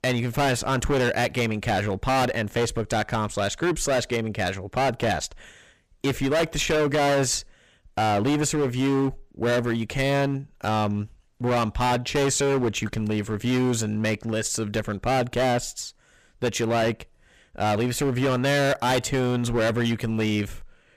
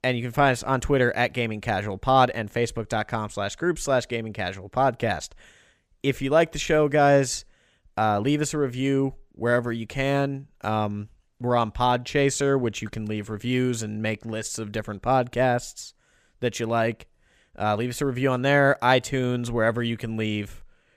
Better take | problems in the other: second | distortion; heavy; 18% of the sound clipped

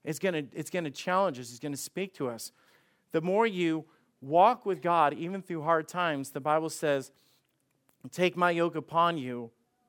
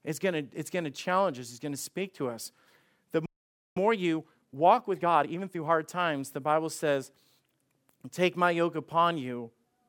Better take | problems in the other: first | audio freezing; at 3.5 s for 0.5 s

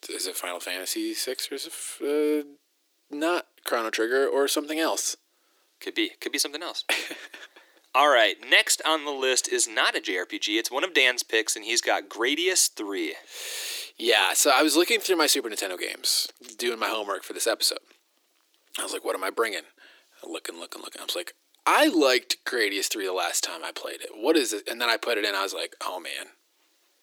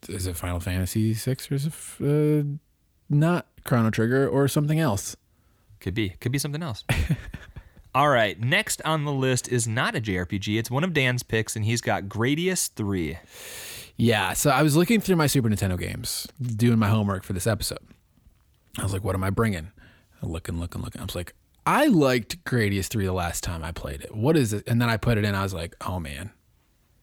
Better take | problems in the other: second | thin; very; fading below 300 Hz

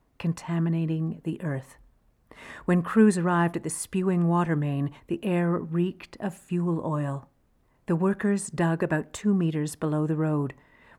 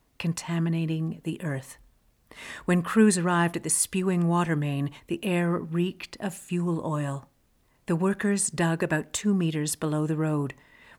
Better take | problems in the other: second | muffled; slightly; fading above 2 kHz

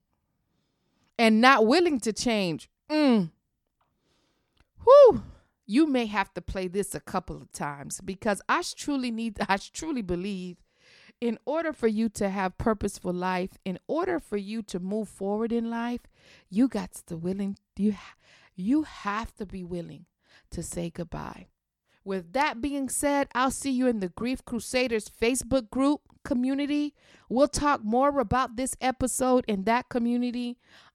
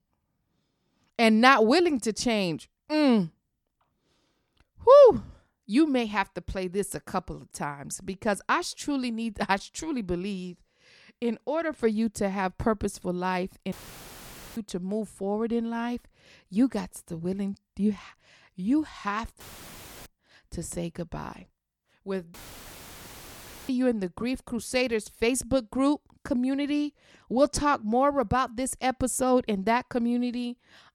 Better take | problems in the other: first | audio cutting out; filled with static; at 14 s for 1 s, at 19 s for 0.5 s and at 22 s for 1.5 s

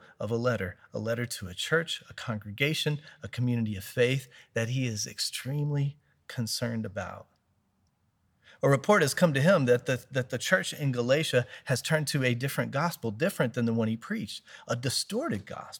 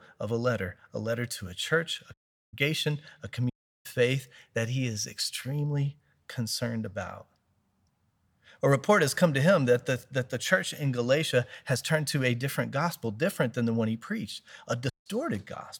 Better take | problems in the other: first | audio cutting out; at 2 s, at 3.5 s and at 15 s

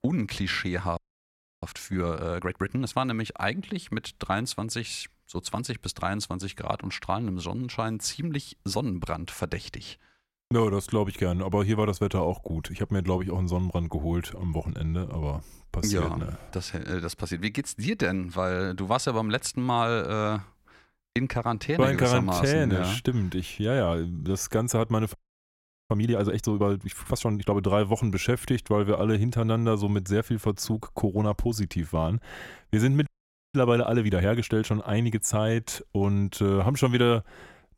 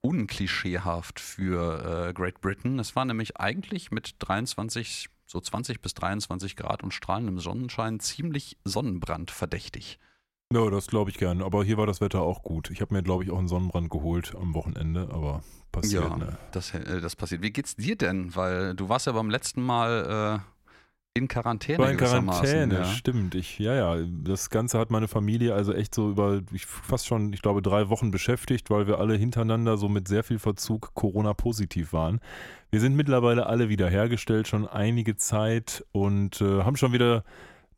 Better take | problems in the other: second | audio freezing; at 1 s for 0.5 s, at 25 s for 1 s and at 33 s

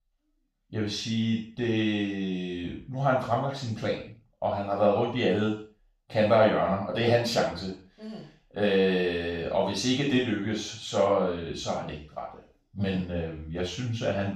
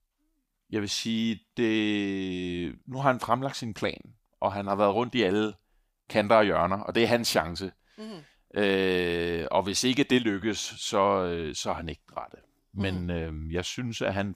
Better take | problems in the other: second | room echo; noticeable; dies away in 0.4 s // off-mic speech; far

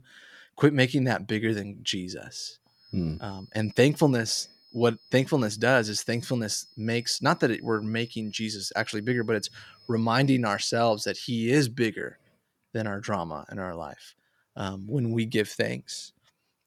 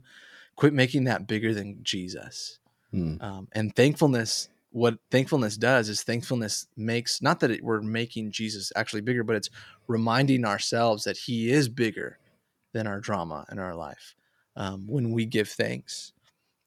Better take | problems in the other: second | high-pitched whine; faint; from 3 to 11 s; 5 kHz, 25 dB below the speech

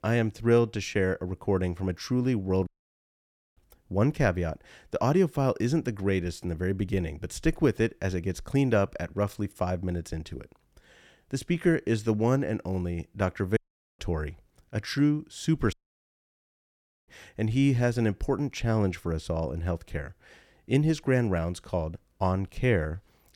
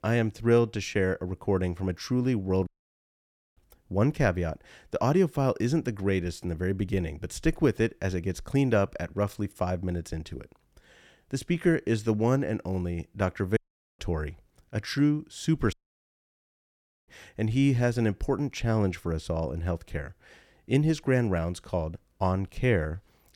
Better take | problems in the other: neither | audio cutting out; at 2.5 s for 1 s, at 14 s and at 16 s for 1.5 s; the same in both

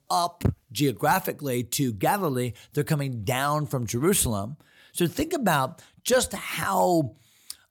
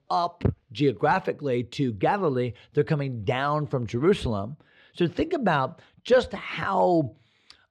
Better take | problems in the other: first | muffled; slightly; fading above 3.5 kHz

